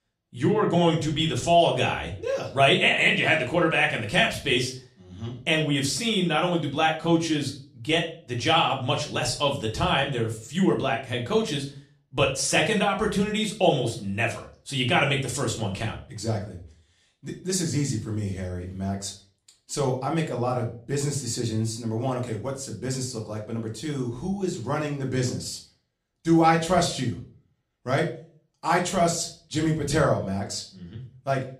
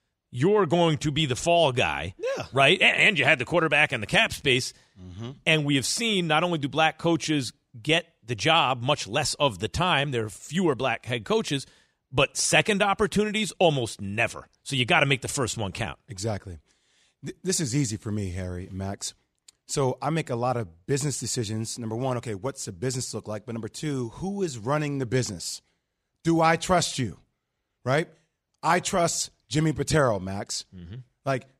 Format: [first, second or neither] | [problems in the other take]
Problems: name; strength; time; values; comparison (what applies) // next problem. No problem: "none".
second | room echo; slight; dies away in 0.4 s // off-mic speech; somewhat distant